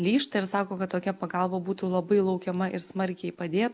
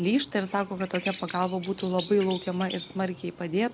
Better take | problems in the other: first | background sound (Bird vocalization, bird call, bird song); 15 dB below the speech

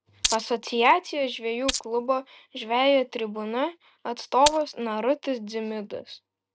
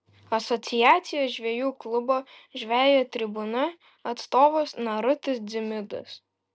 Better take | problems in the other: second | noise reduction (neural mask model RNNoise)

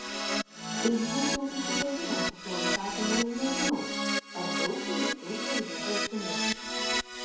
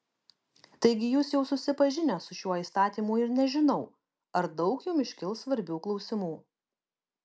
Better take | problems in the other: second | background sound (Keyboard (musical)); 3 dB above the speech // room echo; dies away in 2 s

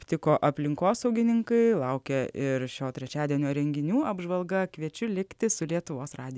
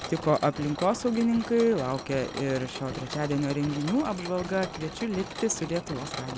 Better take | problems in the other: first | background sound (Mechanisms); 10 dB below the speech

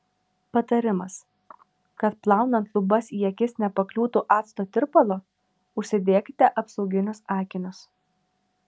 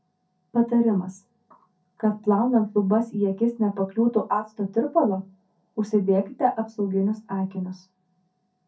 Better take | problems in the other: first | room echo; dies away in 0.3 s

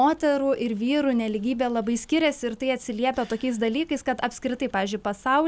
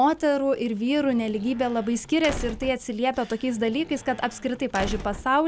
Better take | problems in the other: first | background sound (Squeak / Slam / Wood); 13 dB below the speech

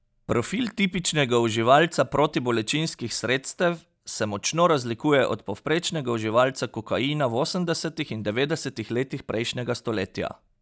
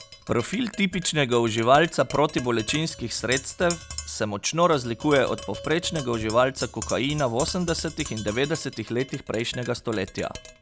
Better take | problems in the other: first | background sound (Tap); 14 dB below the speech

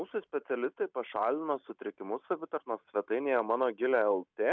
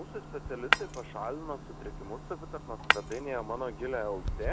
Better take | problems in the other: first | background sound (Shatter + Clock); 3 dB above the speech

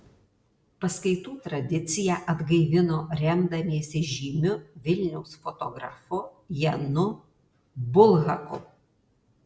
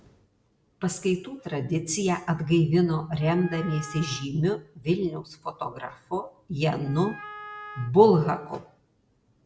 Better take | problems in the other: first | background sound (Wind instrument, woodwind instrument); 16 dB below the speech

